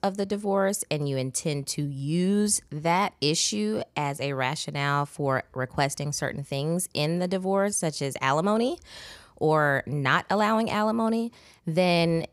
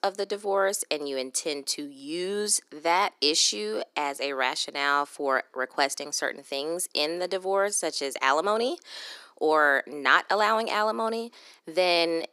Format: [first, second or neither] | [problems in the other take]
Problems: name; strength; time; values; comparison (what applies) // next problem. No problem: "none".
first | thin; somewhat; fading below 300 Hz